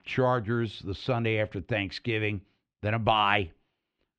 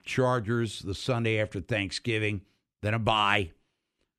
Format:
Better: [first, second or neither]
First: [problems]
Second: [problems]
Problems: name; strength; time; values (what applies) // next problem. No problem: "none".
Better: second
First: muffled; very slightly; fading above 4 kHz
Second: none